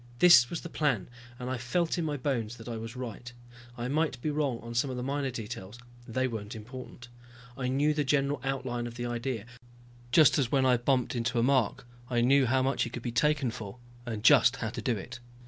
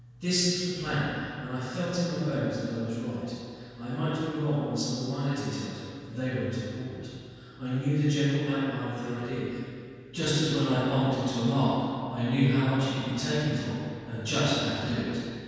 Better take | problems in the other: first | room echo; dies away in 2.1 s

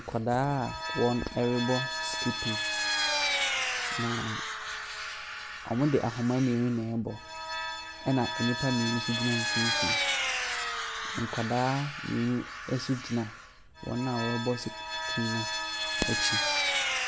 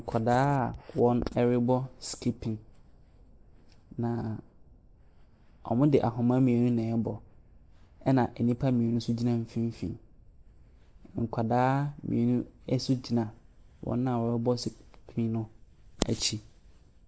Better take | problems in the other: second | background sound (Vehicle); 1 dB below the speech

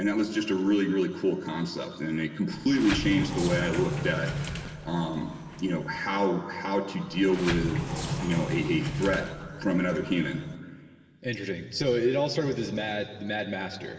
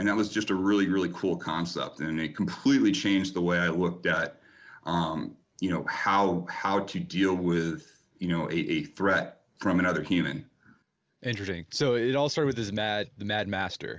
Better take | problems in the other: second | background sound (Sliding door); 6 dB below the speech // room echo; dies away in 2.5 s

